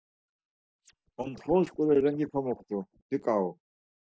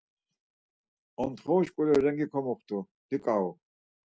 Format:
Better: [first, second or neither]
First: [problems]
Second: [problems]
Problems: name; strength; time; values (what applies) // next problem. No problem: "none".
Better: second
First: noise reduction (neural mask model DeepFilterNet 3)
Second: none